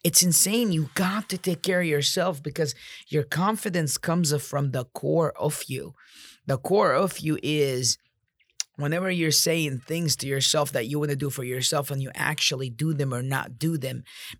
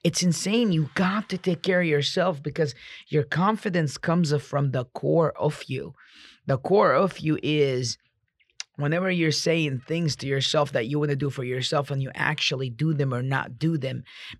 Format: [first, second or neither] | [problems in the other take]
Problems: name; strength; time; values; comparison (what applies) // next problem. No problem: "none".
first | muffled; slightly; fading above 3.5 kHz